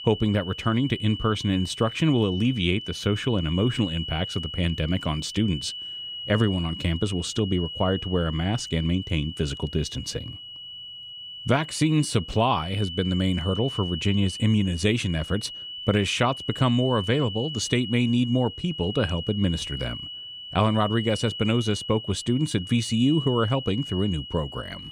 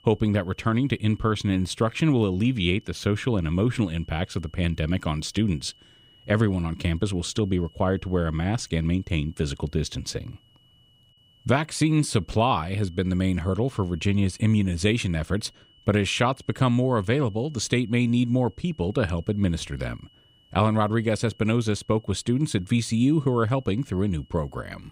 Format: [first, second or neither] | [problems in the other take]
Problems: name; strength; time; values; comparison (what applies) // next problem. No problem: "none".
second | high-pitched whine; loud; throughout; 3 kHz, 9 dB below the speech; faint in the second